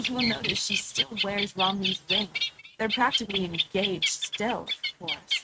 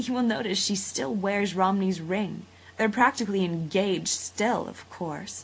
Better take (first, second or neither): second